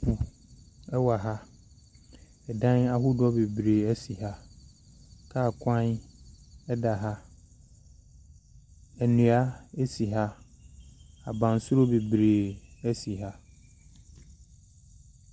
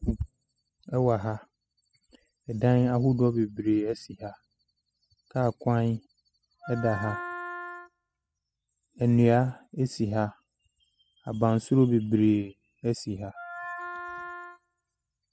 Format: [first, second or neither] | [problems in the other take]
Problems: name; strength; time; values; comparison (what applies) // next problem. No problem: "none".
first | noise reduction (classical method spectral subtraction)